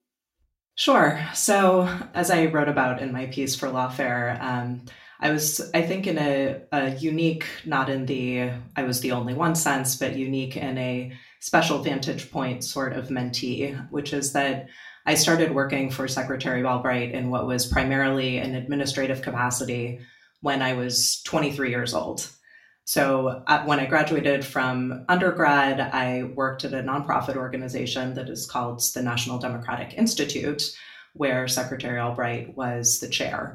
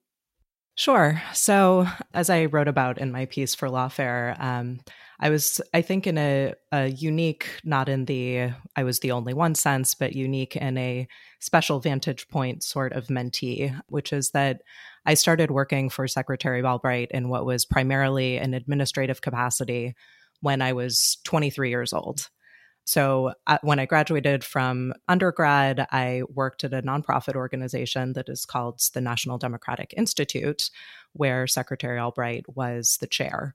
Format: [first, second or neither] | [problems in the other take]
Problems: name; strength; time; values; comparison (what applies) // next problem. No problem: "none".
second | room echo; very slight; dies away in 0.3 s // off-mic speech; far